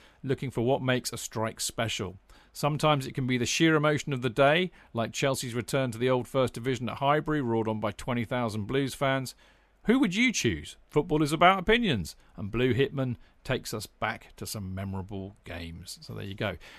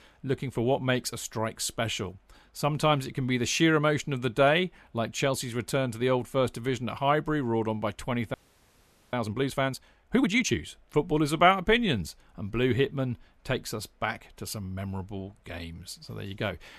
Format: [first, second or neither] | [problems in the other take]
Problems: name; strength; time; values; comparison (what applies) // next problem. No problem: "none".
first | audio freezing; at 8.5 s for 1 s